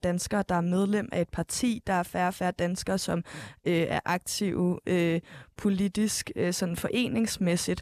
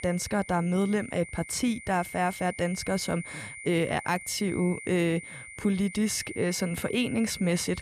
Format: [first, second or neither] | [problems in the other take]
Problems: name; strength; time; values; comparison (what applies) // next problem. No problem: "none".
first | high-pitched whine; noticeable; throughout; 2 kHz, 10 dB below the speech